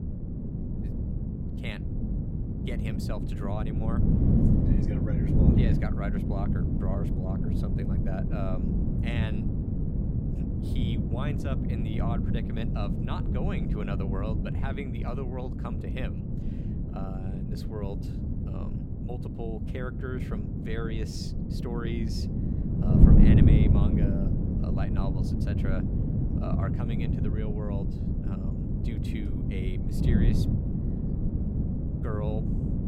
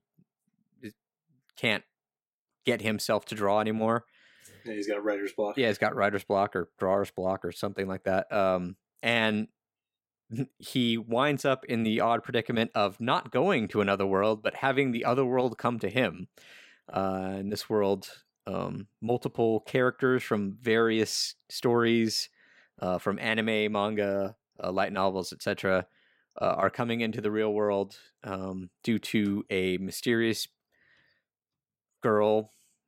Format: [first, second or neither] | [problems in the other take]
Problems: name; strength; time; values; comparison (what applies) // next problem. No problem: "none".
second | wind noise on the microphone; heavy; 3 dB above the speech